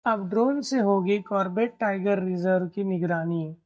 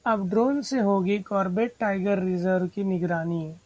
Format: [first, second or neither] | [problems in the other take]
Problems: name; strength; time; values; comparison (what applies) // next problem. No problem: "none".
second | noise reduction (neural mask model DeepFilterNet 3)